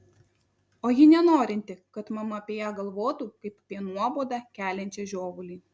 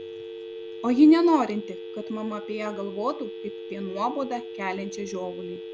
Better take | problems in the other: first | background sound (Telephone); 11 dB below the speech

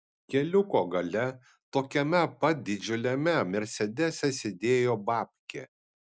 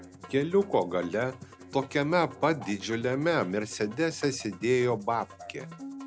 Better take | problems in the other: first | background sound (Musical instrument); 18 dB below the speech

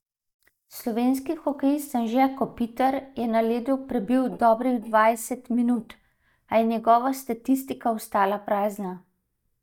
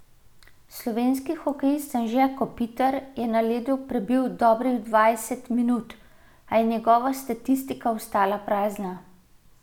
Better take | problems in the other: second | noise reduction (neural mask model DeepFilterNet 3)

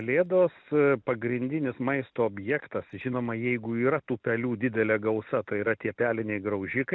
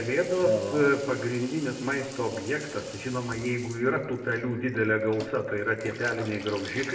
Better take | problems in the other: first | background sound (Bathtub (filling or washing) / Water tap, faucet); 13 dB below the speech // room echo; dies away in 0.8 s

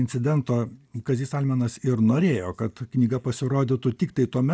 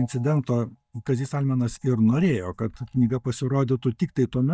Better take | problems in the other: first | noise reduction (neural mask model DeepFilterNet 3)

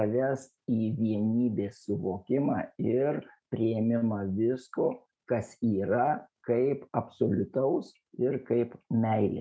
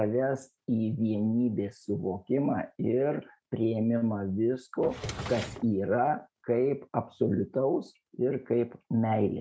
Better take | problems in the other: first | background sound (Drawer open or close); 10 dB below the speech

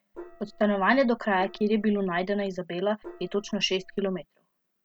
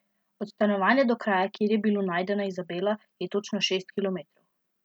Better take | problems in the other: second | background sound (Gong); 20 dB below the speech

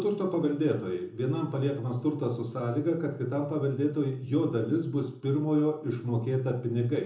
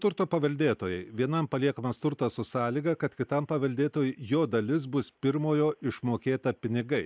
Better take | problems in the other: second | room echo; dies away in 0.6 s

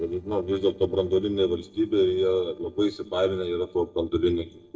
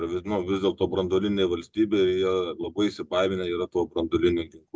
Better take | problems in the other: second | noise reduction (neural separator model SepFormer DNS4)

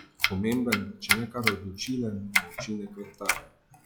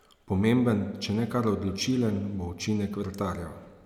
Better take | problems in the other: second | noise reduction (classical method log-MMSE)

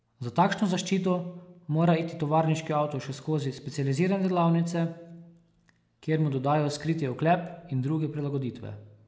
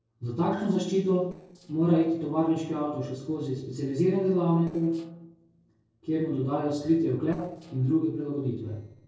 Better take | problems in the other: first | noise reduction (neural separator model SepFormer DNS4)

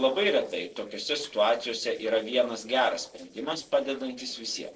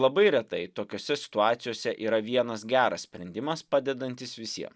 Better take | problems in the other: second | noise reduction (neural separator model SepFormer DNS4)

